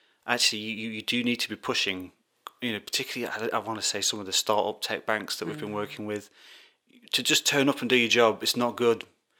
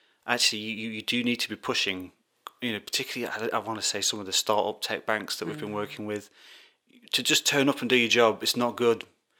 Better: neither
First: thin; somewhat; fading below 450 Hz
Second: thin; somewhat; fading below 450 Hz

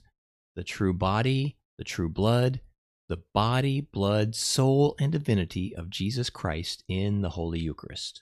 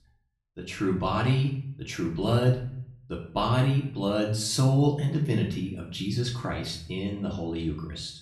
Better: first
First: none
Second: room echo; slight; dies away in 0.5 s // off-mic speech; far

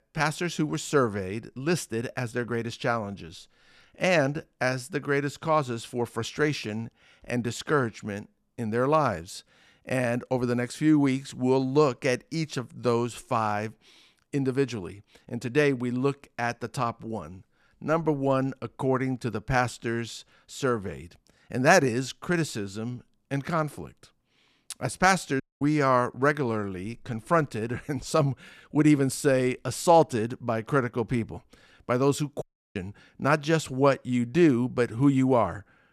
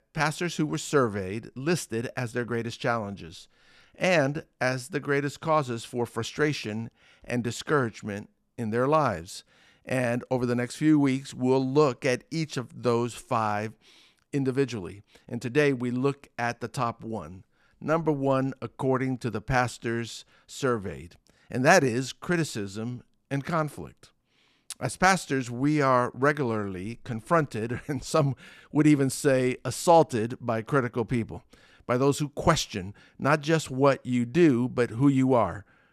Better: second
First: audio cutting out; at 25 s and at 32 s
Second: none

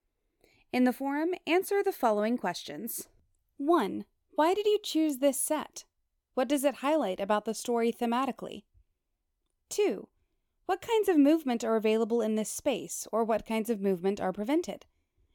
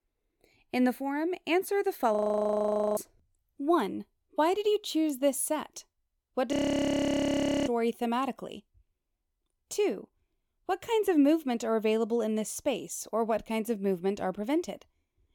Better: first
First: none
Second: audio freezing; at 2 s for 1 s and at 6.5 s for 1 s

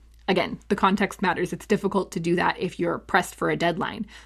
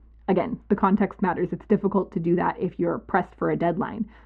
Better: first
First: none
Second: muffled; very; fading above 1 kHz

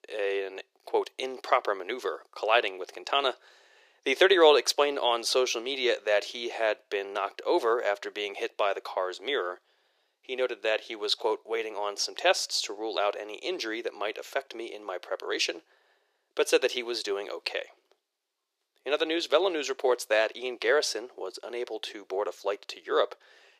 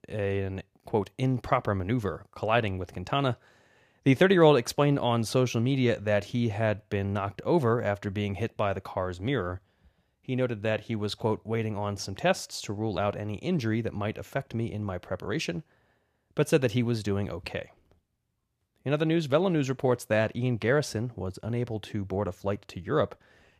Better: second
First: thin; very; fading below 350 Hz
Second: none

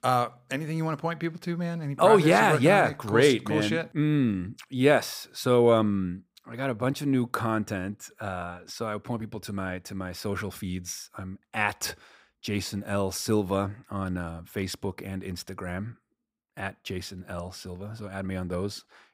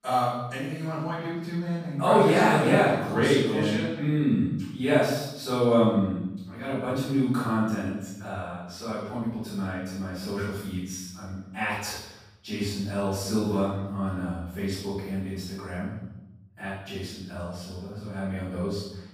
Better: first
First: none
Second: off-mic speech; far // room echo; strong; dies away in 0.8 s

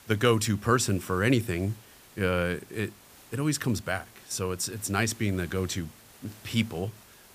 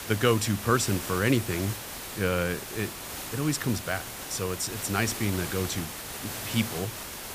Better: first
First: hiss; faint; throughout; 25 dB below the speech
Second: hiss; loud; throughout; 7 dB below the speech

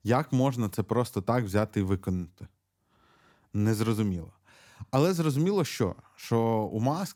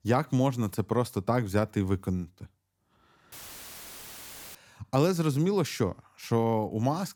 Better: first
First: none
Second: audio cutting out; filled with static; at 3.5 s for 1 s

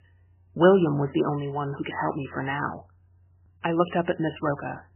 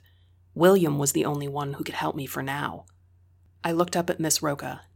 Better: second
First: garbled, watery; badly; nothing above 3 kHz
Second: none

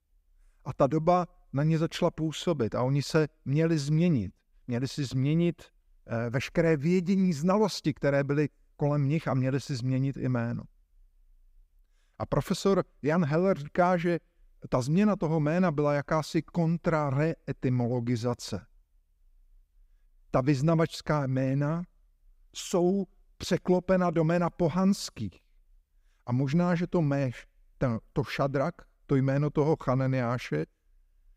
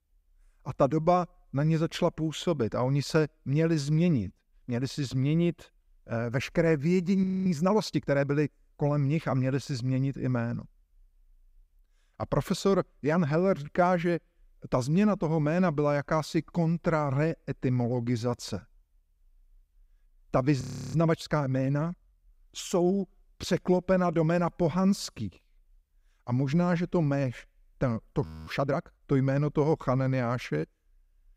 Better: first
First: none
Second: audio freezing; at 7 s, at 21 s and at 28 s

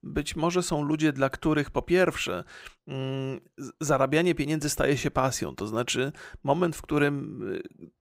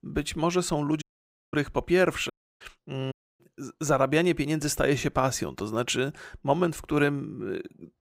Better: first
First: none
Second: audio cutting out; at 1 s for 0.5 s, at 2.5 s and at 3 s

